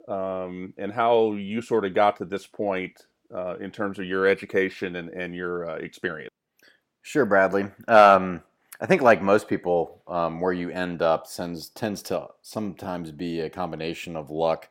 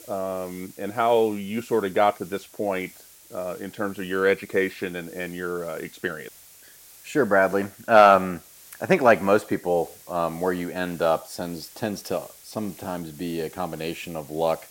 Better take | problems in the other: first | hiss; faint; throughout; 20 dB below the speech

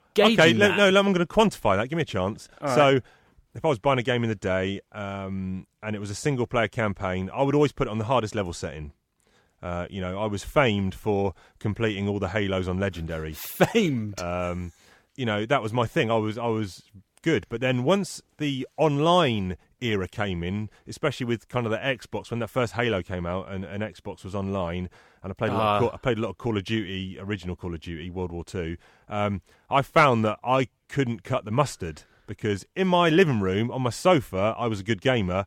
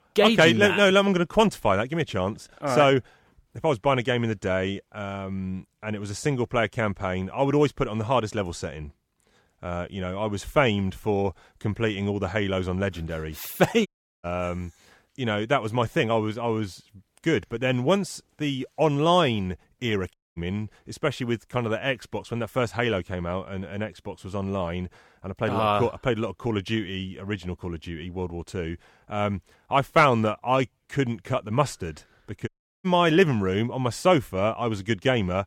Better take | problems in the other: first | audio cutting out; at 14 s, at 20 s and at 32 s

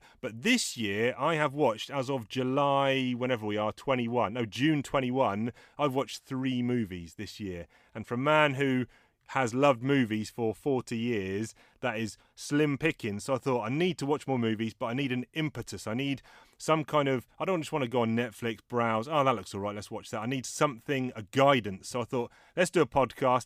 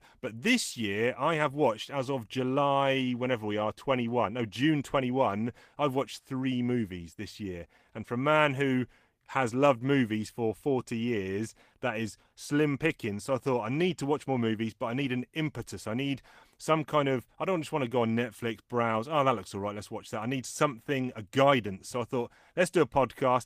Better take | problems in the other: first | garbled, watery; slightly; nothing above 15 kHz

